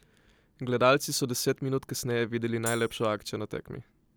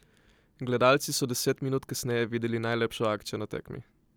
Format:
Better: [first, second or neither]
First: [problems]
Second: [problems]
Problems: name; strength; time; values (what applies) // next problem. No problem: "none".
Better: second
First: background sound (Tambourine); 14 dB below the speech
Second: none